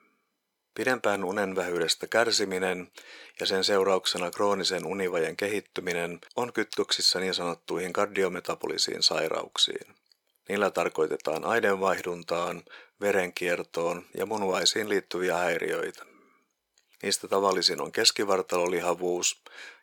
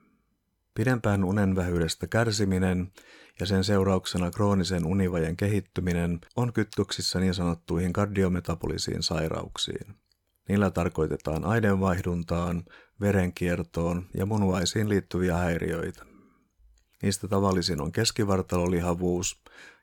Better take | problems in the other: second | thin; very; fading below 450 Hz

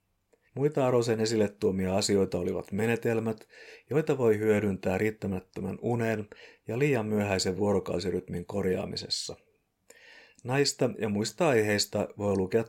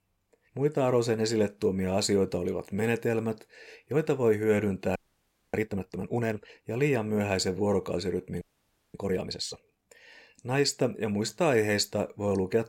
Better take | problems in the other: first | audio freezing; at 5 s for 0.5 s and at 8.5 s for 0.5 s

